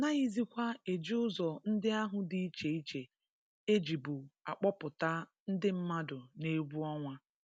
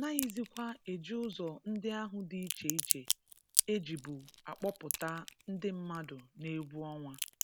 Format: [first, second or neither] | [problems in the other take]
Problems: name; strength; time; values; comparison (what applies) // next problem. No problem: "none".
first | background sound (Crack); 1 dB below the speech